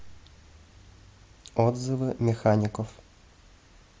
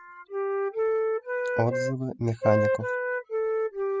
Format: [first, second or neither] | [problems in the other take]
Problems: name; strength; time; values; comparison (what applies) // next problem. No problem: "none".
first | noise reduction (classical method spectral subtraction)